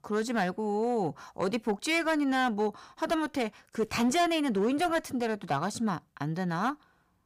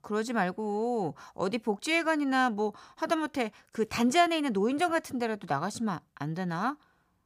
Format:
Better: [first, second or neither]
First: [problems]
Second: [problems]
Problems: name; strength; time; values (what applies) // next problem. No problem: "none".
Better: second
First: distortion; slight; 5% of the sound clipped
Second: none